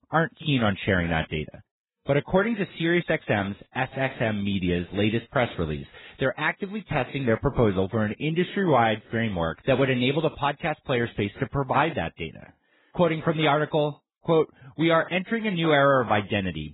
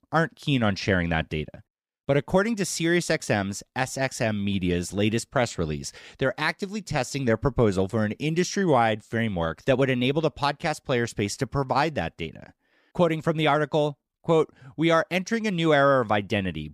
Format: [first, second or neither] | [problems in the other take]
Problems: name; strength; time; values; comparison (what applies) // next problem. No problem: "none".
second | garbled, watery; badly; nothing above 4 kHz